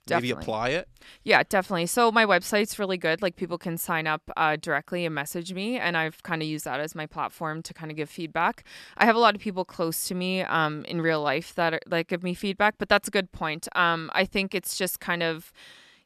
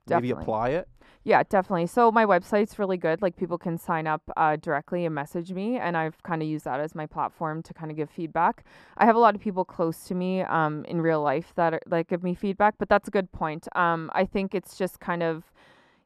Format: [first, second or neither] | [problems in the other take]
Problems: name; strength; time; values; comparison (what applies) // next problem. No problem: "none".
first | muffled; very; fading above 2 kHz